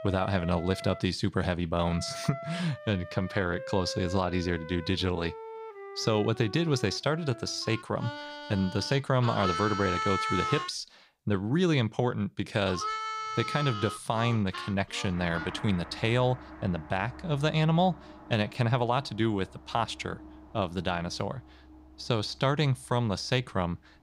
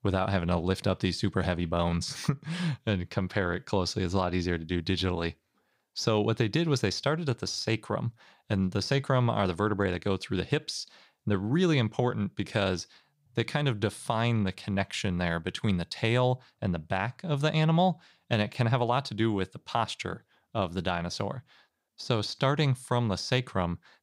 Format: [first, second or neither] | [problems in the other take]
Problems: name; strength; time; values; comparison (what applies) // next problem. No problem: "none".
second | background music; loud; throughout; 9 dB below the speech